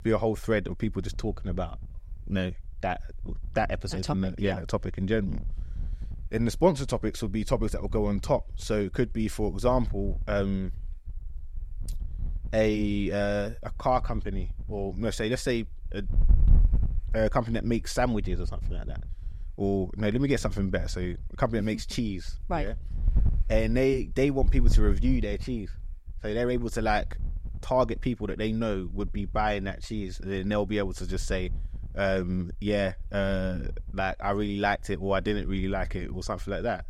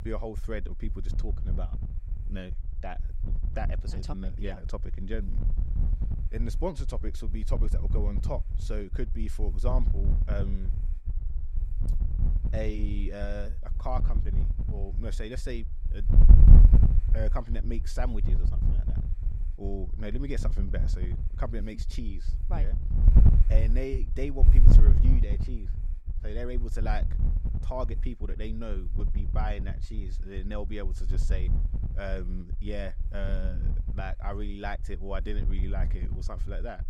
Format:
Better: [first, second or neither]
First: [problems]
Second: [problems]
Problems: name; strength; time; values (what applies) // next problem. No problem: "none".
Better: first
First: wind noise on the microphone; occasional gusts; 25 dB below the speech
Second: wind noise on the microphone; heavy; 5 dB below the speech